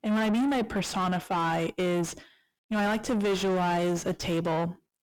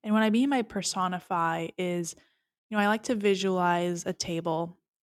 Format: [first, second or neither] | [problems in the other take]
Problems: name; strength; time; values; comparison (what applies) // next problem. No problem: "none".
second | distortion; heavy; 5 dB below the speech